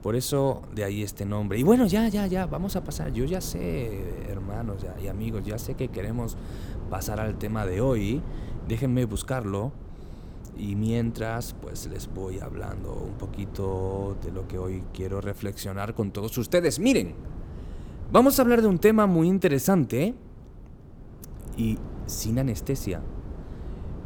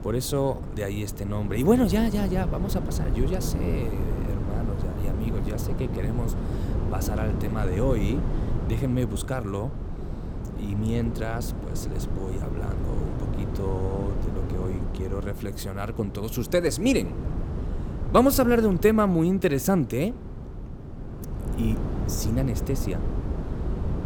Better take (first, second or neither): first